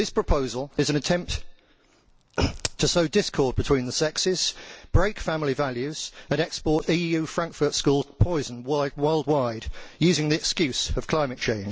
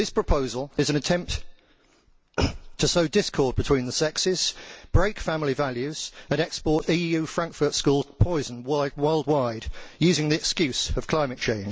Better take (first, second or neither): second